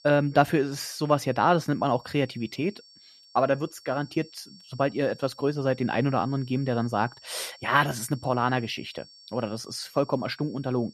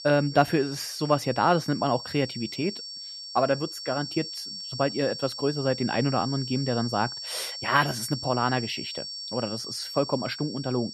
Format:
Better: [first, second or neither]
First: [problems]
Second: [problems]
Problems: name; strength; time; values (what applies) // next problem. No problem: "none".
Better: first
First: high-pitched whine; faint; throughout; 5.5 kHz, 25 dB below the speech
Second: high-pitched whine; loud; throughout; 5.5 kHz, 8 dB below the speech